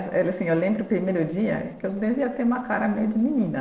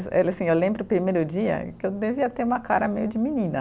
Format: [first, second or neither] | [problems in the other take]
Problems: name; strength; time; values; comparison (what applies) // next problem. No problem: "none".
second | noise reduction (neural separator model SepFormer DNS4)